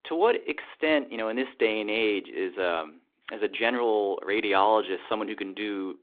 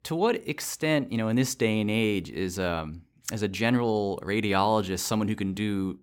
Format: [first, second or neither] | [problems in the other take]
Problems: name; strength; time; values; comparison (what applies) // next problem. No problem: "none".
second | phone-call audio